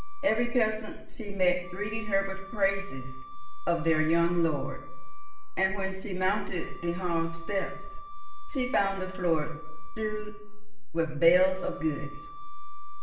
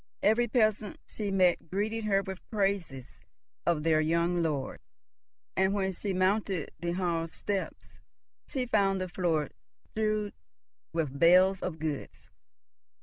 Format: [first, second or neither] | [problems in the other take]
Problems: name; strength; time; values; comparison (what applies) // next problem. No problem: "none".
second | background sound (Wind instrument, woodwind instrument); 19 dB below the speech // room echo; dies away in 0.7 s